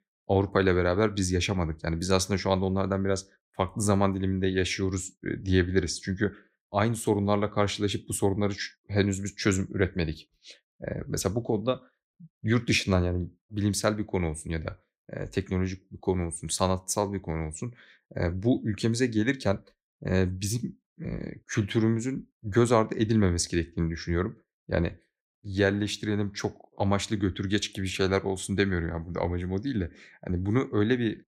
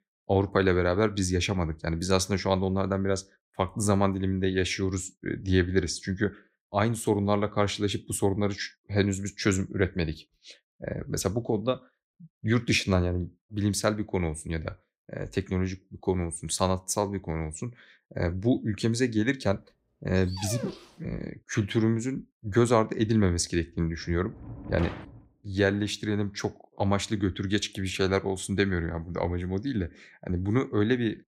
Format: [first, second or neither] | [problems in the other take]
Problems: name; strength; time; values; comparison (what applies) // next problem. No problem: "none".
first | dog barking; noticeable; at 20 s; peak 9 dB below the speech // door banging; noticeable; from 24 to 25 s; peak 9 dB below the speech